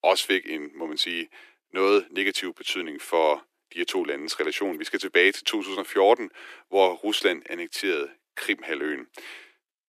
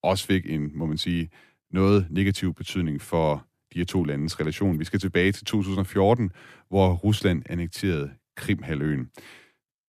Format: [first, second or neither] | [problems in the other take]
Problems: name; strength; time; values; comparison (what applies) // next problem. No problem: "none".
second | thin; very; fading below 350 Hz